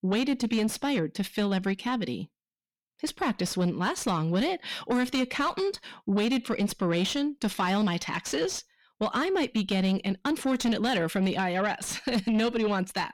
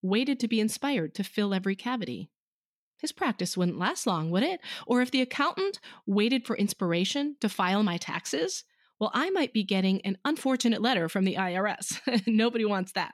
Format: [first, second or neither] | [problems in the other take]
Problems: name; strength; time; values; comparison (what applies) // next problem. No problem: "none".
second | distortion; slight; 10 dB below the speech